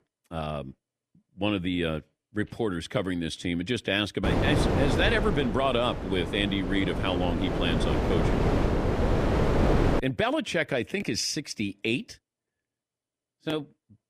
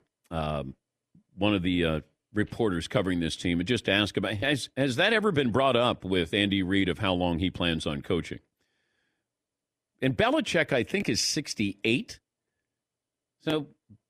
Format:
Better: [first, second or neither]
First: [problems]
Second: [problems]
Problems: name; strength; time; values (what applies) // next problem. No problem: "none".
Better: second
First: wind noise on the microphone; heavy; from 4 to 10 s; 1 dB below the speech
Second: none